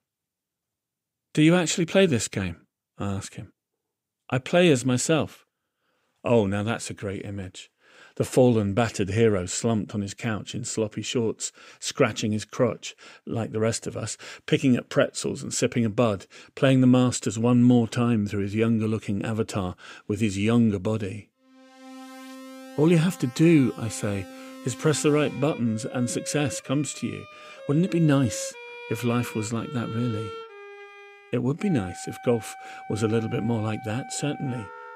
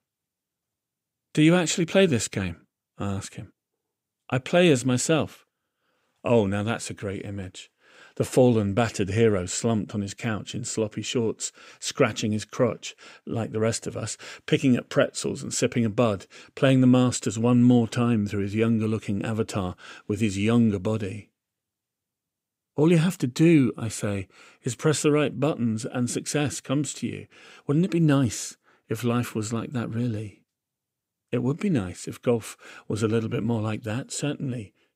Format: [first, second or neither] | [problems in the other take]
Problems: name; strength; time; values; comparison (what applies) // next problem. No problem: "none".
second | background music; noticeable; from 22 s on; 15 dB below the speech